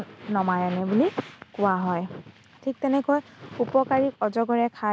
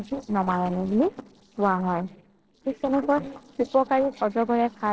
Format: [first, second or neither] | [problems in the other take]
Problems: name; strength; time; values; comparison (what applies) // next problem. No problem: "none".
first | noise reduction (neural separator model SepFormer DNS4)